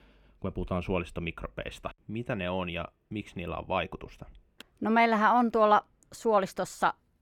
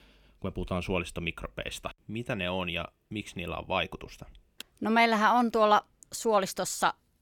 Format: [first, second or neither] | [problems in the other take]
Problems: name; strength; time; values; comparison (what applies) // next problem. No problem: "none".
second | muffled; slightly; fading above 3 kHz